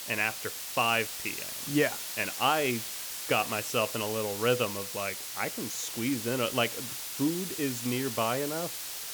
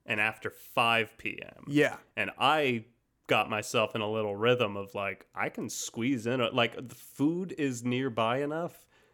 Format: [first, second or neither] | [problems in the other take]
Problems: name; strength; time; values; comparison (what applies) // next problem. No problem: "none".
second | hiss; loud; throughout; 4 dB below the speech